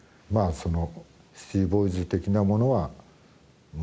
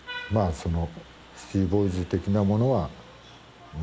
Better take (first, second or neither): first